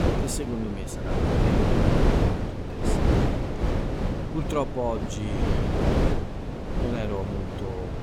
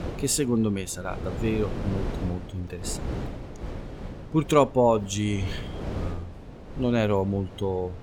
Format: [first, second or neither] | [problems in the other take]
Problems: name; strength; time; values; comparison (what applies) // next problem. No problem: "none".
second | wind noise on the microphone; heavy; 3 dB above the speech; occasional gusts in the second